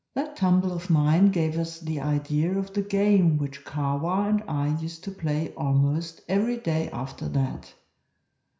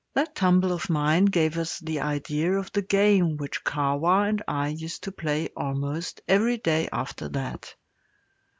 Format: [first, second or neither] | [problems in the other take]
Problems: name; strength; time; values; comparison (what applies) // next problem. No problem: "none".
second | room echo; dies away in 0.5 s